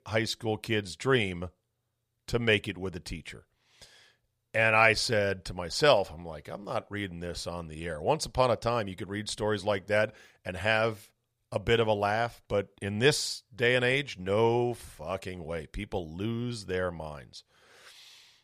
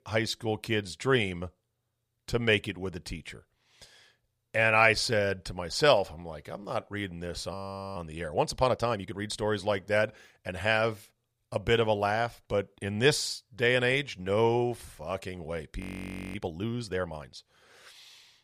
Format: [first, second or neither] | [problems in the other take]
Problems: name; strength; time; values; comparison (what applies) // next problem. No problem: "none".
first | audio freezing; at 7.5 s and at 16 s for 0.5 s